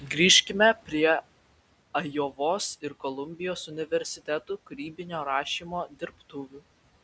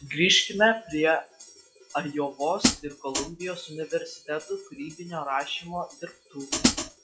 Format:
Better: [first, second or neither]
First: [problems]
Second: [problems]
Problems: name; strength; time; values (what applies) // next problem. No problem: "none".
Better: first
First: none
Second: noise reduction (classical method WPE with log-MMSE)